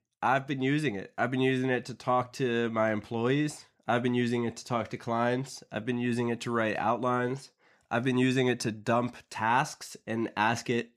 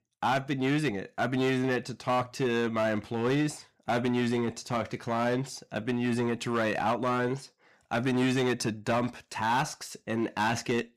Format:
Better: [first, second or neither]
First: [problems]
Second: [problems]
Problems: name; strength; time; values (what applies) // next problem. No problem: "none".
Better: first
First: none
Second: distortion; slight; 8% of the sound clipped